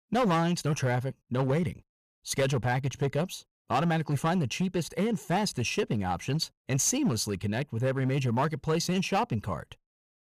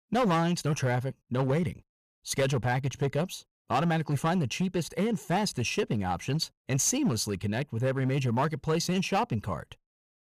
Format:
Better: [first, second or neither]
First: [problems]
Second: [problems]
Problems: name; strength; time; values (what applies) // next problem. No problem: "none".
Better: neither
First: distortion; slight; 7% of the sound clipped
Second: distortion; slight; 7% of the sound clipped